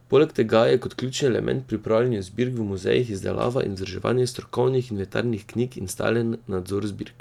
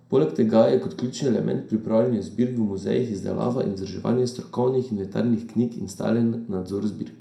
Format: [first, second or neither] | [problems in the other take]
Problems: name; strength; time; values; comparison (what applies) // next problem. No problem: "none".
first | room echo; dies away in 0.4 s